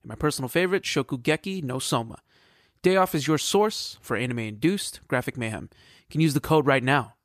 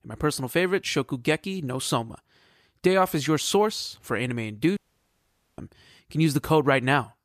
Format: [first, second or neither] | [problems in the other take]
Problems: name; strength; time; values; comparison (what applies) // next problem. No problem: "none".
first | audio cutting out; at 5 s for 1 s